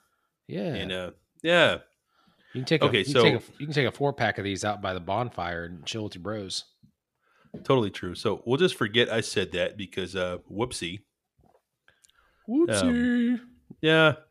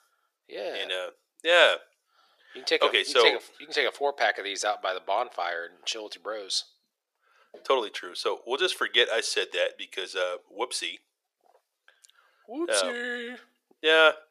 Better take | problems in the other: first | thin; very; fading below 450 Hz

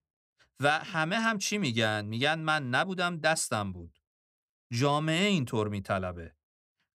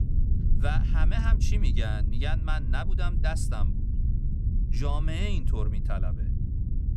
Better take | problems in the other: first | low rumble; loud; throughout; 8 dB below the speech

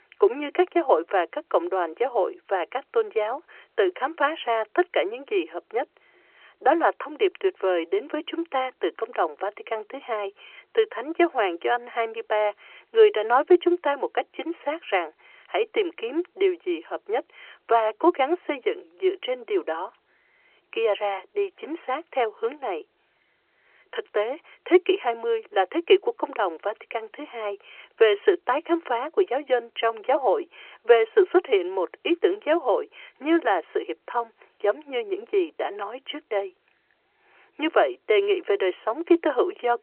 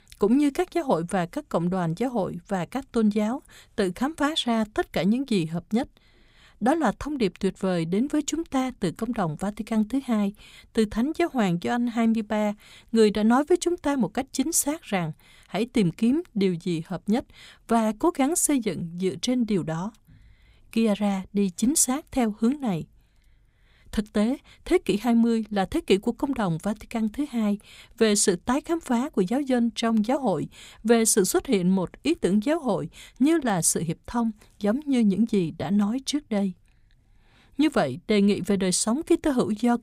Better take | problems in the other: second | phone-call audio

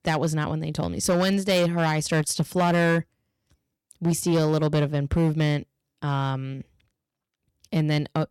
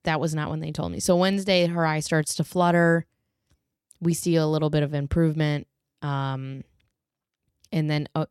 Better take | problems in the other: second | distortion; slight; 7% of the sound clipped

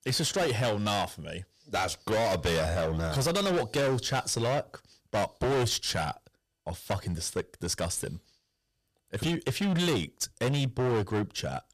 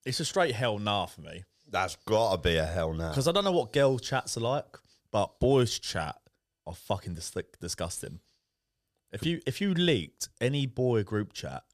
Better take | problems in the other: second | distortion; heavy; 17% of the sound clipped

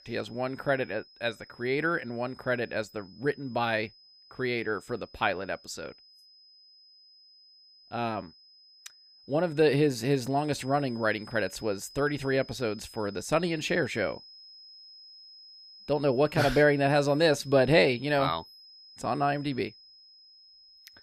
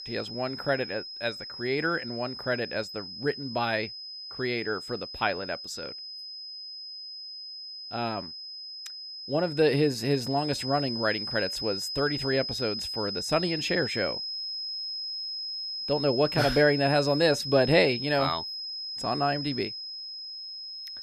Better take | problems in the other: first | high-pitched whine; loud; throughout; 5 kHz, 6 dB below the speech; faint in the first

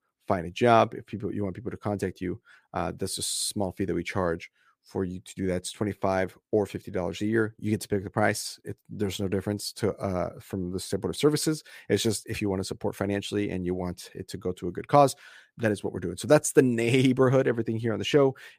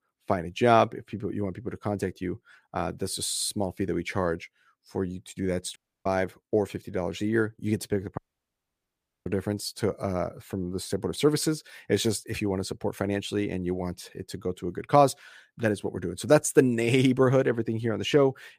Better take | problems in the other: first | audio cutting out; at 6 s and at 8 s for 1 s

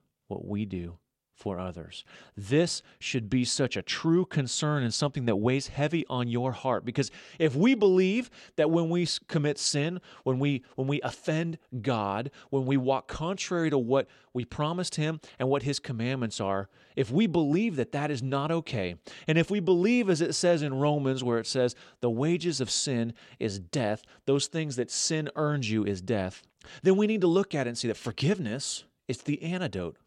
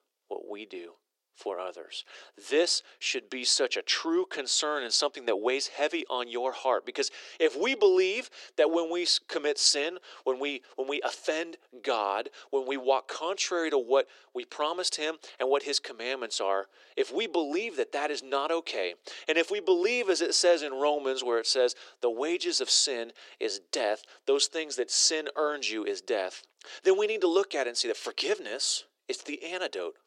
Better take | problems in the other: first | thin; very; fading below 350 Hz

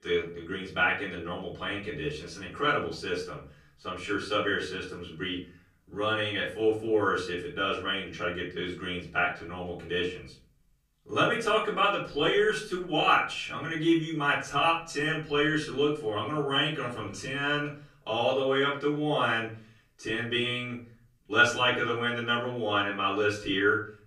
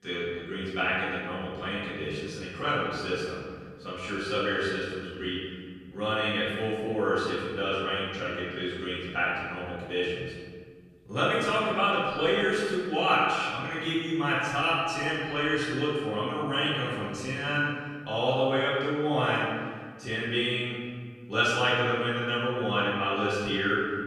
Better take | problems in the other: first | room echo; strong; dies away in 1.6 s; slight in the first // off-mic speech; far; far in the first

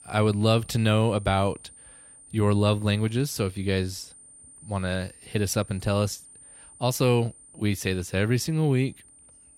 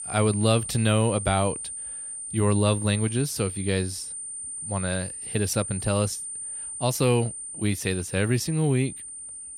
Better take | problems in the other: first | high-pitched whine; loud; throughout; 9 kHz, 7 dB below the speech; faint in the first

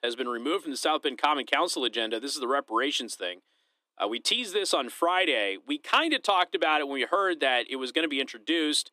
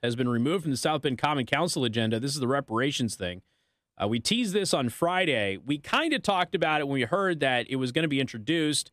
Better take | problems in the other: second | thin; somewhat; fading below 300 Hz

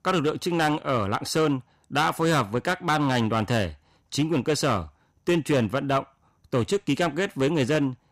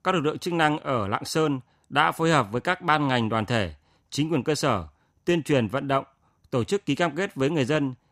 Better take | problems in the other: second | distortion; slight; 6% of the sound clipped

